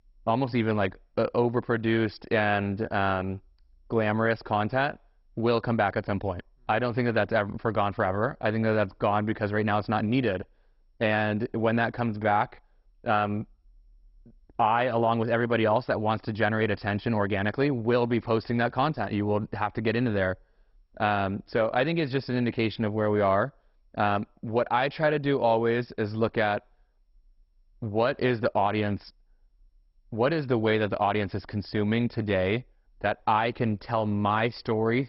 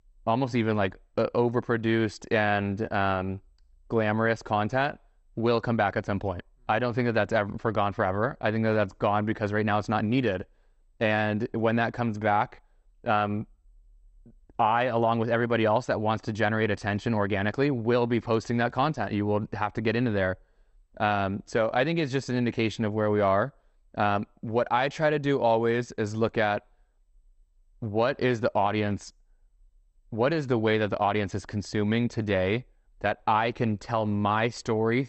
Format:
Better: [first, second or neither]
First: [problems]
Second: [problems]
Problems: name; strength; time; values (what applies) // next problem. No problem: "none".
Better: second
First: garbled, watery; badly; nothing above 5.5 kHz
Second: garbled, watery; slightly; nothing above 8 kHz